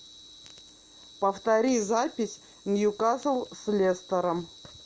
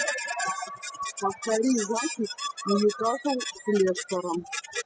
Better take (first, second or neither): first